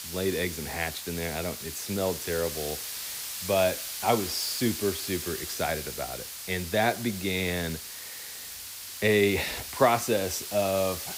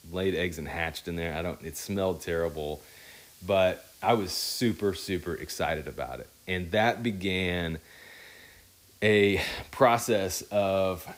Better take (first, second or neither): second